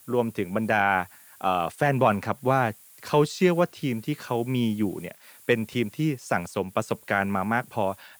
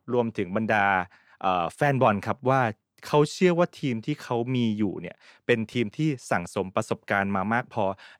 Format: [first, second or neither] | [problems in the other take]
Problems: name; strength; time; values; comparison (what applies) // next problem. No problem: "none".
second | hiss; faint; throughout; 25 dB below the speech